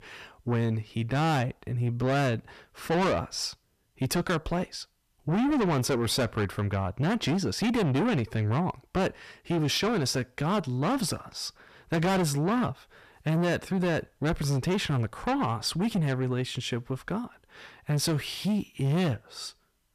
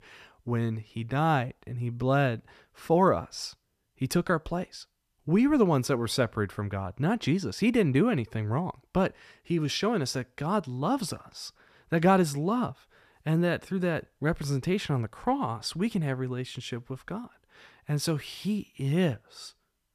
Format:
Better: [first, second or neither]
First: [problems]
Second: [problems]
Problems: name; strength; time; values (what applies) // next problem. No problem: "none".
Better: second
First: distortion; heavy; 7 dB below the speech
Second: none